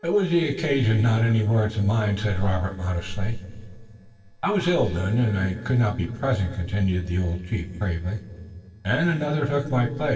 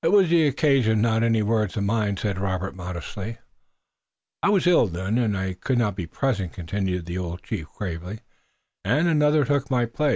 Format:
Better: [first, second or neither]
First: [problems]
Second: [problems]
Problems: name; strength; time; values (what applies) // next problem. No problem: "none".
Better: second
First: noise reduction (neural separator model SepFormer DNS4)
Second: none